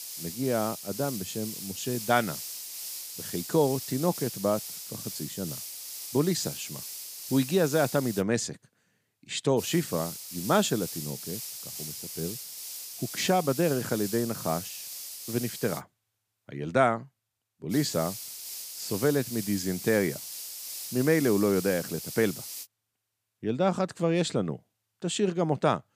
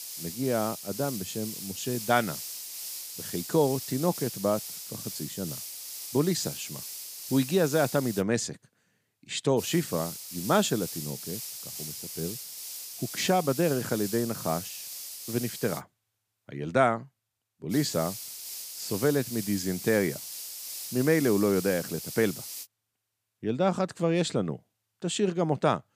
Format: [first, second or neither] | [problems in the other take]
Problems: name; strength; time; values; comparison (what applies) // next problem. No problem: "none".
neither | hiss; loud; until 8 s, from 9.5 to 16 s and from 18 to 23 s; 8 dB below the speech; the same in both